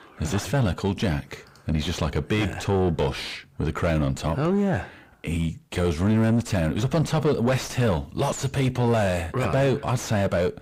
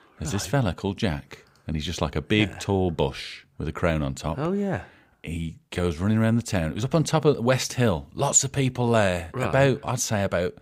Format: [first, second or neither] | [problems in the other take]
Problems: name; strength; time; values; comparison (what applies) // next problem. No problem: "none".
second | distortion; heavy; 6 dB below the speech